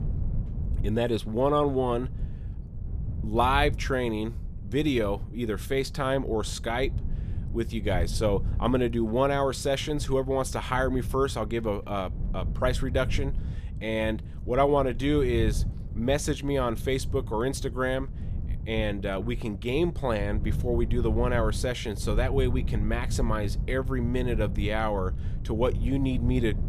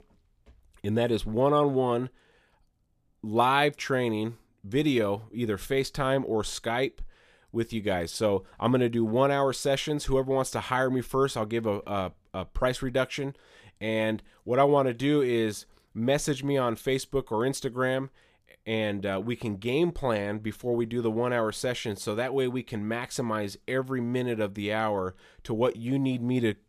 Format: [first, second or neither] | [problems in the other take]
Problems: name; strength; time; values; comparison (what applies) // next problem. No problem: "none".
second | wind noise on the microphone; occasional gusts; 20 dB below the speech